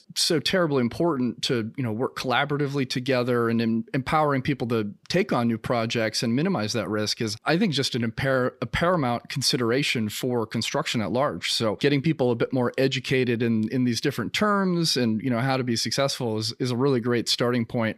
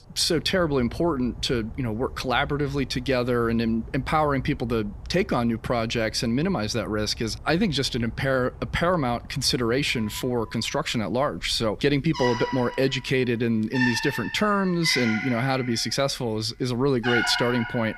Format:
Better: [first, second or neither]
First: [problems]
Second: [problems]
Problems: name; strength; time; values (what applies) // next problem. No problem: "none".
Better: first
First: none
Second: animal sounds; loud; throughout; 10 dB below the speech